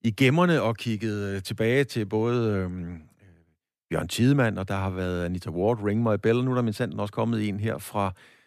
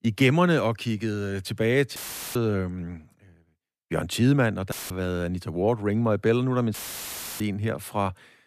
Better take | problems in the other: first | audio cutting out; filled with static; at 2 s, at 4.5 s and at 6.5 s for 0.5 s

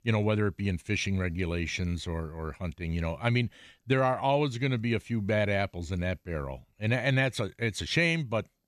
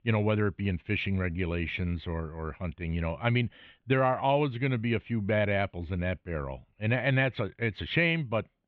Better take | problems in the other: first | muffled; very; fading above 3 kHz

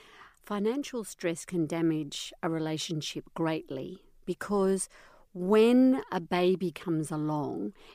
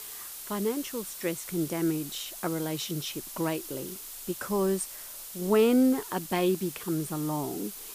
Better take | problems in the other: first | hiss; loud; throughout; 9 dB below the speech

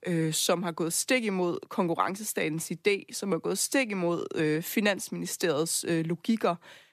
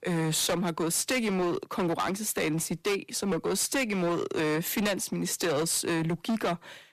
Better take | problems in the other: first | distortion; heavy; 21% of the sound clipped

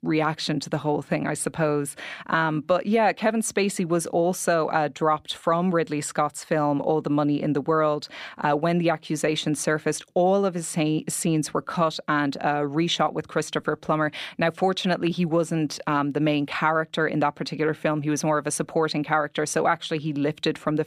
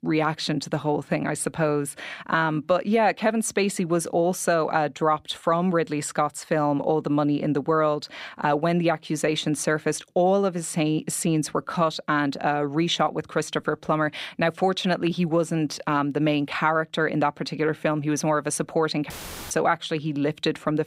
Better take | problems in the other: first | audio cutting out; filled with static; at 19 s

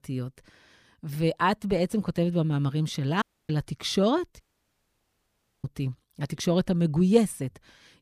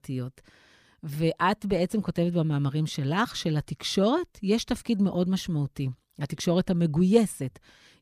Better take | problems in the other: second | audio cutting out; at 3 s and at 4.5 s for 1 s

